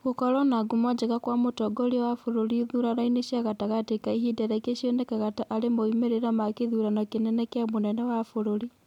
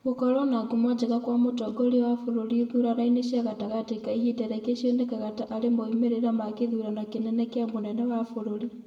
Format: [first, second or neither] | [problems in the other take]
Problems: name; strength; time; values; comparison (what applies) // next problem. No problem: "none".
first | room echo; dies away in 0.7 s